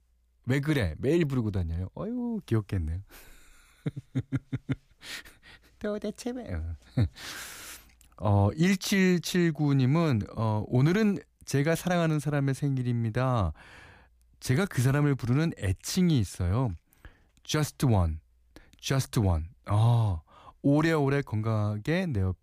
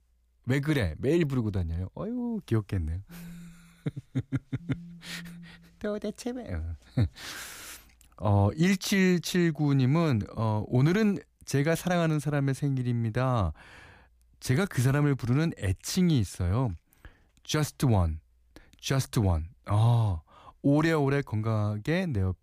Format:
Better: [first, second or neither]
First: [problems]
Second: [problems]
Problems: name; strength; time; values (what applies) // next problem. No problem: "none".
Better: first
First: none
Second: phone ringing; faint; from 3 to 5.5 s; peak 15 dB below the speech